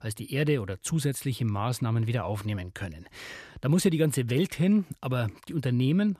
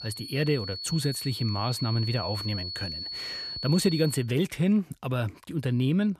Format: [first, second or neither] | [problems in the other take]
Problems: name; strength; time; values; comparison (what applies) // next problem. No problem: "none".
first | high-pitched whine; loud; until 4 s; 4.5 kHz, 6 dB below the speech